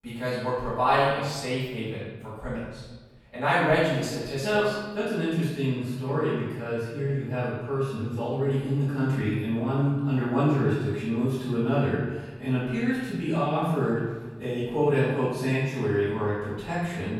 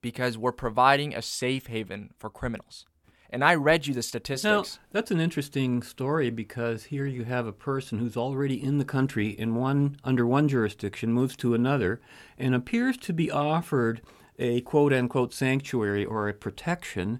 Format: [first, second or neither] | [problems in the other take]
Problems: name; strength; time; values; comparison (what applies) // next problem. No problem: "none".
second | off-mic speech; far // room echo; strong; dies away in 1.2 s